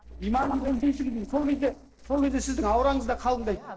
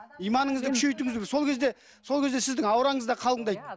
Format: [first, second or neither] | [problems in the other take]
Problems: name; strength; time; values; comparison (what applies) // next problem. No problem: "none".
second | noise reduction (neural separator model SepFormer DNS4)